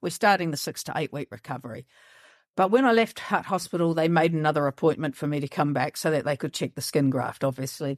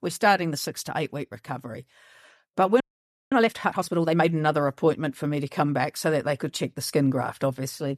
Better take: first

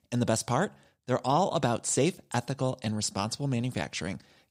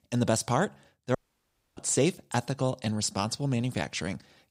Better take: first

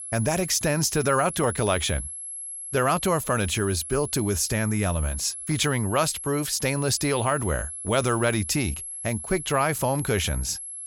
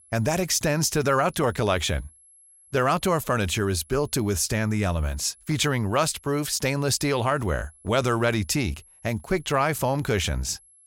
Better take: second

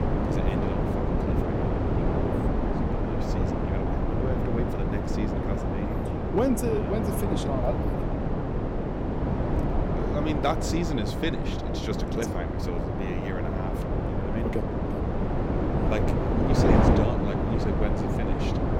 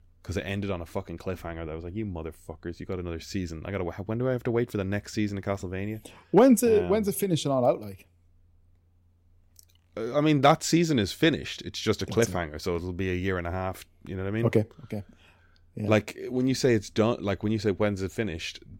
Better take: second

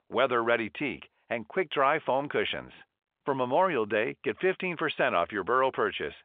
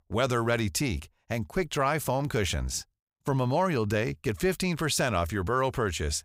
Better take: second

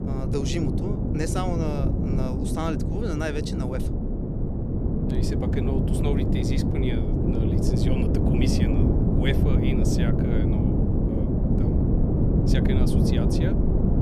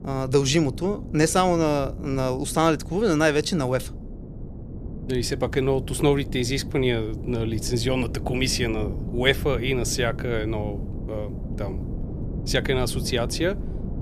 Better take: second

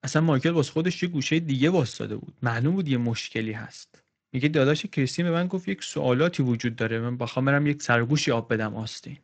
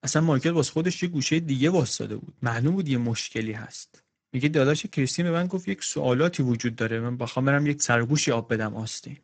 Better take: first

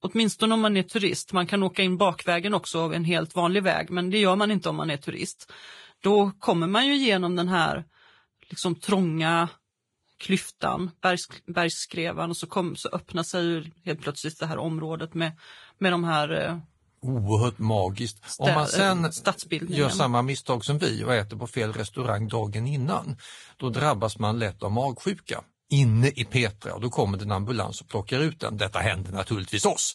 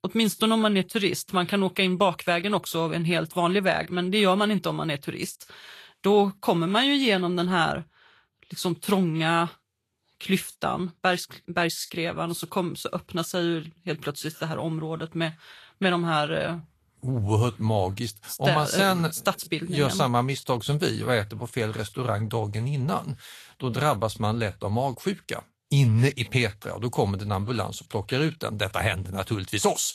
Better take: second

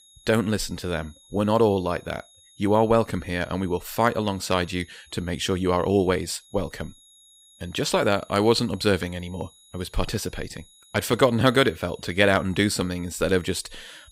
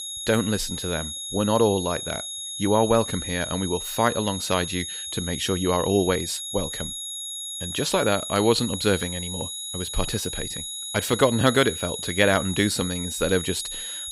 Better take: first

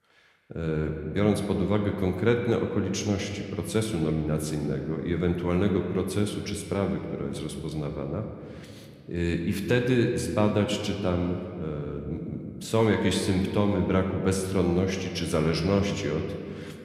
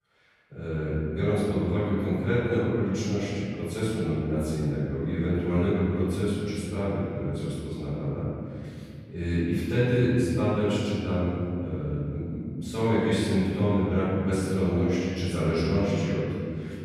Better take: first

